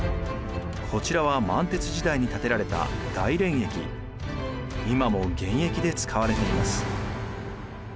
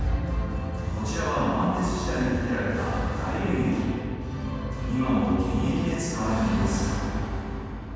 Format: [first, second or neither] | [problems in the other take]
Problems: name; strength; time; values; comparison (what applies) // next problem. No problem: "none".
first | room echo; dies away in 2.1 s